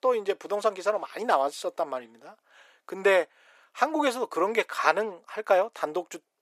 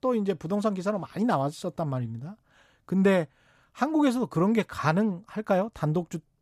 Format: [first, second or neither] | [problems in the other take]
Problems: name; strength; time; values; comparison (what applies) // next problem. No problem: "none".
second | thin; very; fading below 400 Hz